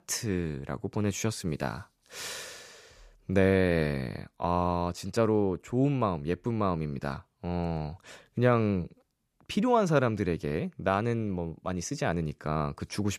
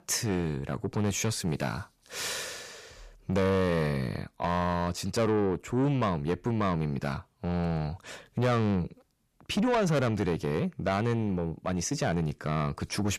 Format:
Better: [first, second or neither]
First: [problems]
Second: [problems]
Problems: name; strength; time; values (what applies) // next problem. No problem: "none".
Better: first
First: none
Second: distortion; heavy; 7 dB below the speech